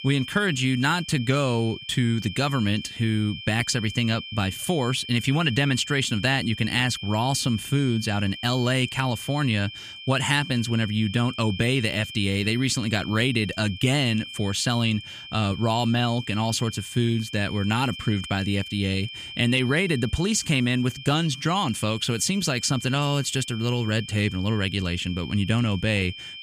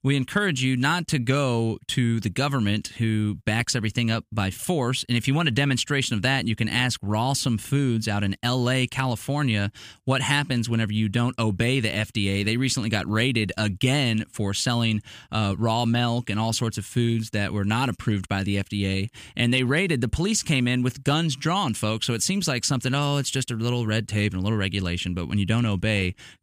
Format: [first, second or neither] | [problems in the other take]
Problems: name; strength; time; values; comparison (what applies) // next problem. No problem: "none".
second | high-pitched whine; noticeable; throughout; 3 kHz, 10 dB below the speech